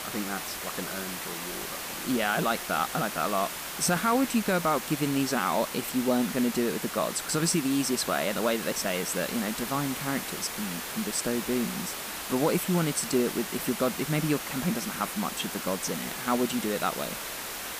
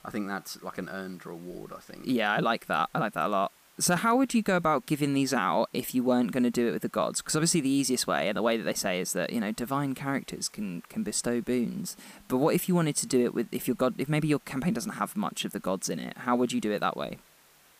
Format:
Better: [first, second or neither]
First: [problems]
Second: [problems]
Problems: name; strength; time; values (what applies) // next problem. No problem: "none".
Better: second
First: hiss; loud; throughout; 5 dB below the speech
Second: hiss; faint; throughout; 30 dB below the speech